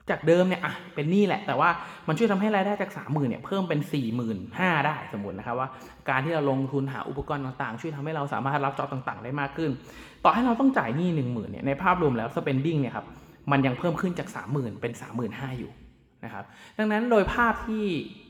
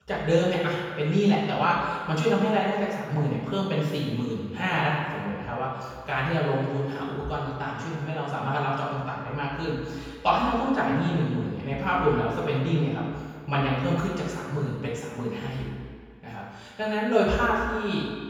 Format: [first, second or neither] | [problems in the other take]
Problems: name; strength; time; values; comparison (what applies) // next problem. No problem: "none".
first | room echo; strong; dies away in 1.6 s; slight in the first // off-mic speech; far